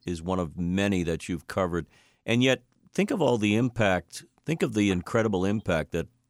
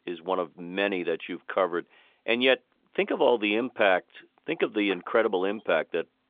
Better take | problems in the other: first | phone-call audio; nothing above 3.5 kHz

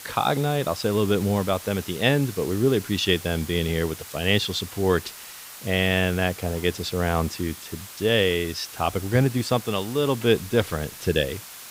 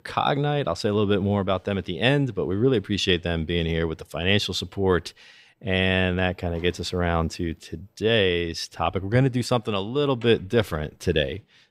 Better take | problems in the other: second | hiss; noticeable; throughout; 15 dB below the speech

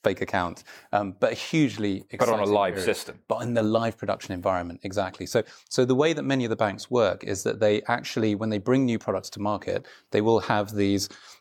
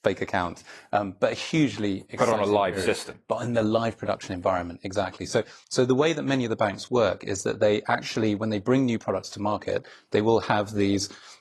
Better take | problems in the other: first | garbled, watery; slightly; nothing above 11.5 kHz

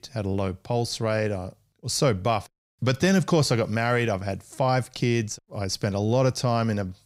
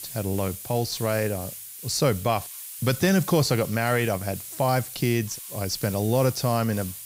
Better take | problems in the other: first | hiss; noticeable; throughout; 10 dB below the speech

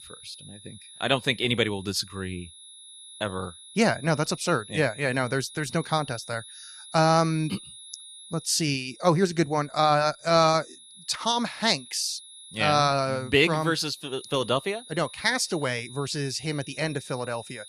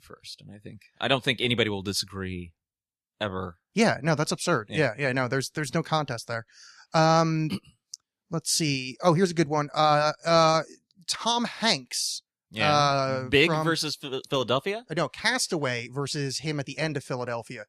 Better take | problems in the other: second | high-pitched whine; noticeable; throughout; 3.5 kHz, 20 dB below the speech

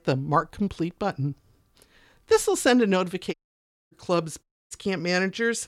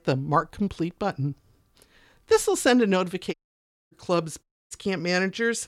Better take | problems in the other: neither | audio cutting out; at 3.5 s for 0.5 s and at 4.5 s; the same in both

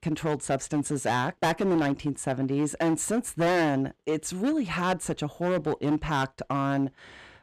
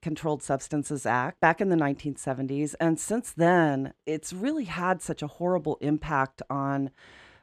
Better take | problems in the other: second | distortion; heavy; 11% of the sound clipped

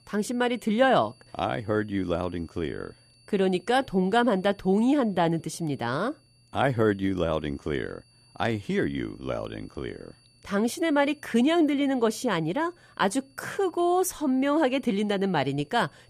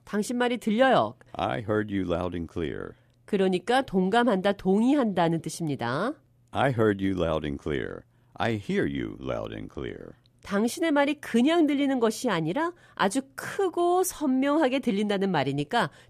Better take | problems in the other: second | high-pitched whine; faint; throughout; 4.5 kHz, 35 dB below the speech

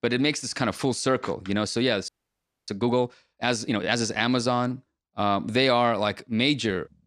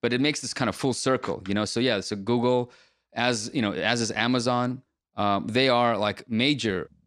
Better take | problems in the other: second | audio freezing; at 2 s for 0.5 s

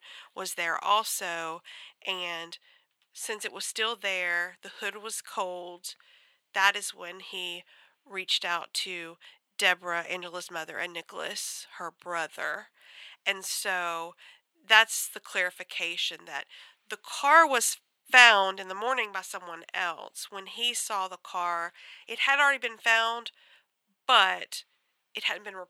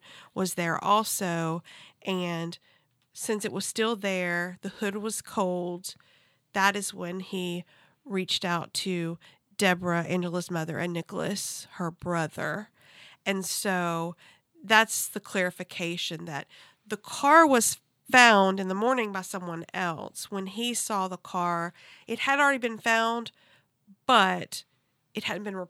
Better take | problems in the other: second | thin; very; fading below 600 Hz

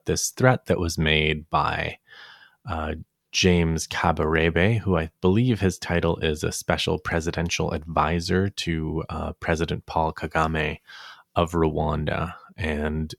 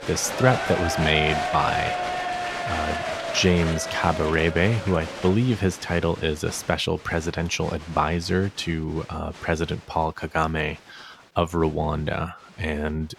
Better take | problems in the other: first | crowd noise; loud; throughout; 5 dB below the speech

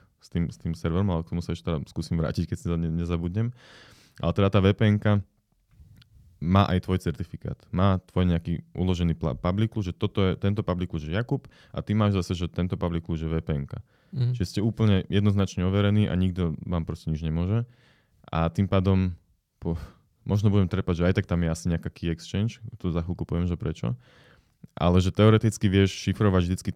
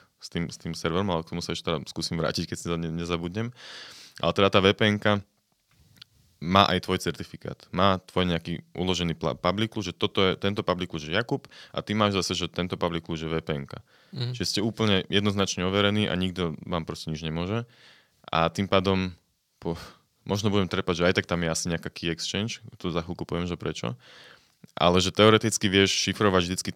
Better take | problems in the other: first | thin; somewhat; fading below 500 Hz

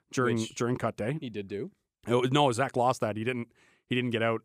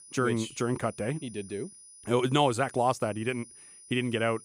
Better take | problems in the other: first | high-pitched whine; noticeable; throughout; 9.5 kHz, 20 dB below the speech

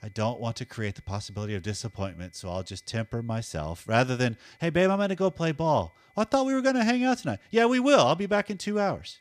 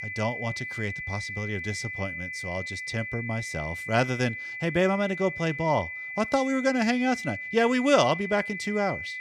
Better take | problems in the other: first | high-pitched whine; loud; throughout; 2 kHz, 6 dB below the speech; faint in the first

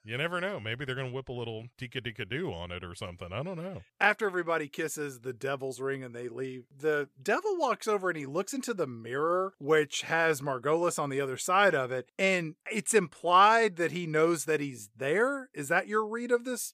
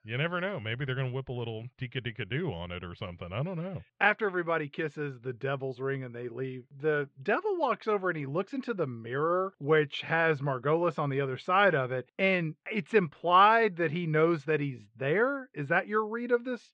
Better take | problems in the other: first | muffled; very; fading above 3.5 kHz

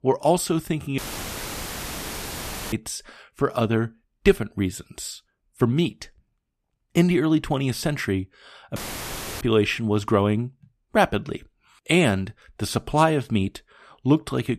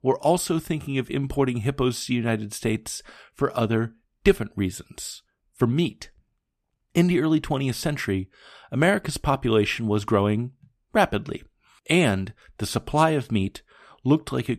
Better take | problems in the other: second | audio cutting out; filled with static; at 1 s for 1.5 s and at 9 s for 0.5 s

